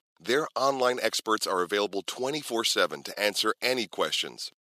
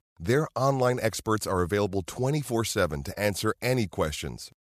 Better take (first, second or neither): second